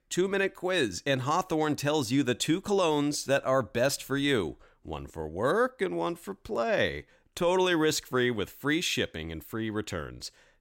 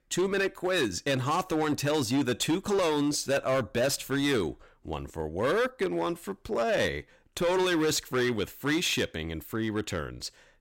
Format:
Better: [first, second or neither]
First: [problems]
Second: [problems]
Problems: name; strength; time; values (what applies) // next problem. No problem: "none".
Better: first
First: none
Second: distortion; slight; 11% of the sound clipped